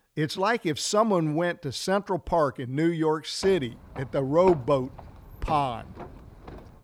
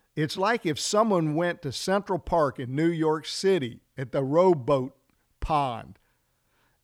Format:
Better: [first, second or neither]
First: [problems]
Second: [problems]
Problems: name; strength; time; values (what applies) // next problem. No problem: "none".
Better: second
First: footsteps; faint; from 3.5 s on; peak 10 dB below the speech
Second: none